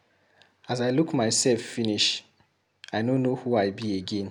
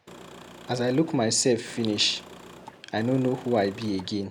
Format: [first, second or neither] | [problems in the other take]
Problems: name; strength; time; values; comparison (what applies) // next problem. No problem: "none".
first | background sound (Engine / Car); 19 dB below the speech